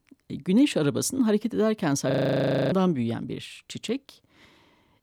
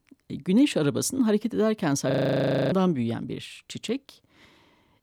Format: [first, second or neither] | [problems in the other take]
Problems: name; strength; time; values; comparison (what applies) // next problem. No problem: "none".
neither | audio freezing; at 2 s for 0.5 s; the same in both